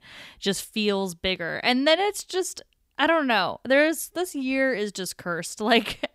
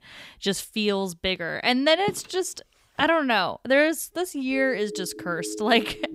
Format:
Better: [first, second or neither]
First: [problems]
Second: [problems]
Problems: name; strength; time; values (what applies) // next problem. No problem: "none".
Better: first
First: none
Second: footsteps; faint; at 2 s; peak 10 dB below the speech // siren; faint; from 4.5 s on; peak 10 dB below the speech